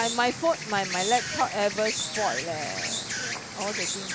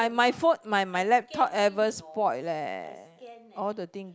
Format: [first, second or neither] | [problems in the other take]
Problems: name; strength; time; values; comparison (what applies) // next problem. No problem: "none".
second | background sound (Insect); 3 dB below the speech